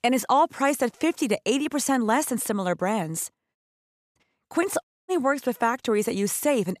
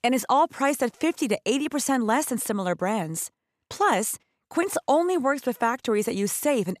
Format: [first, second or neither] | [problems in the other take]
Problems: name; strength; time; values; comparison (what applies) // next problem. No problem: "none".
second | audio cutting out; at 3.5 s for 0.5 s and at 5 s